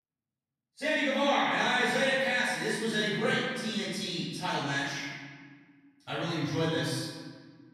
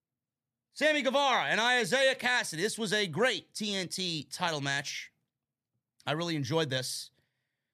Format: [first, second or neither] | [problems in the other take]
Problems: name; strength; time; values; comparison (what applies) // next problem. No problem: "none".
second | room echo; strong; dies away in 1.5 s // off-mic speech; far